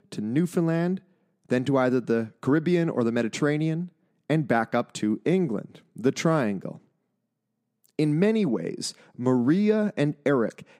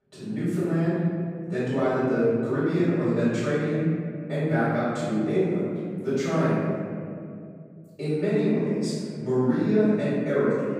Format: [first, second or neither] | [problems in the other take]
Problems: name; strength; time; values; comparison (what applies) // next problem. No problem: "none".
first | off-mic speech; far // room echo; strong; dies away in 2.5 s